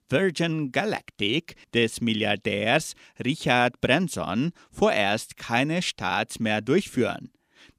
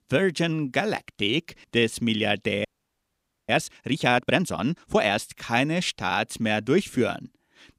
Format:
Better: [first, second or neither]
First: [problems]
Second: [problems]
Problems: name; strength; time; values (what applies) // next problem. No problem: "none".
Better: first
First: none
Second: audio freezing; at 2.5 s for 1 s